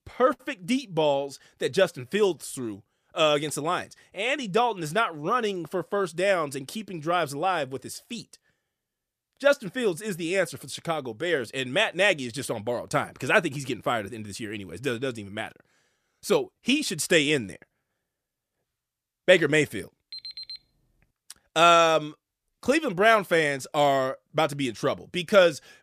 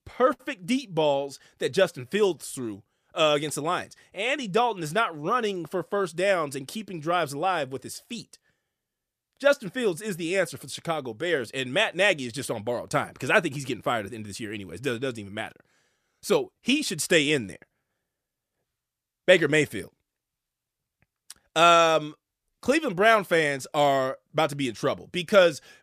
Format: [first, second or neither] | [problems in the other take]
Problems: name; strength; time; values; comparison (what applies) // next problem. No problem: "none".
second | alarm; faint; at 20 s; peak 10 dB below the speech